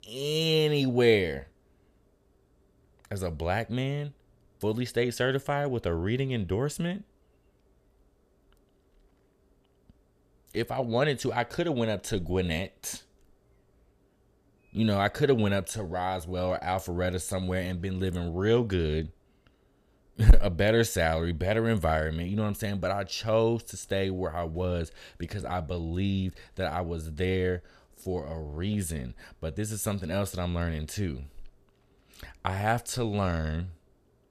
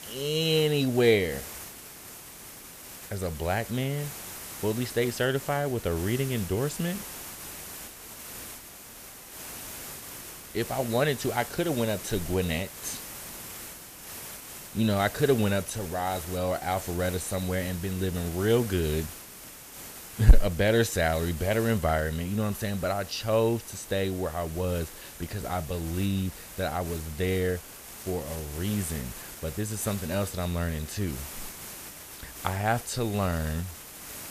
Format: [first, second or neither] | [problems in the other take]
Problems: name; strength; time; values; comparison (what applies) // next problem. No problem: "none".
first | hiss; noticeable; throughout; 10 dB below the speech